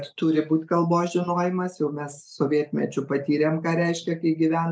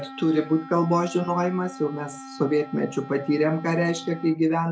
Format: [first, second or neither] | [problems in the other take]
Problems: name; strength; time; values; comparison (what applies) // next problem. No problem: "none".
first | background sound (Wind instrument, woodwind instrument); 17 dB below the speech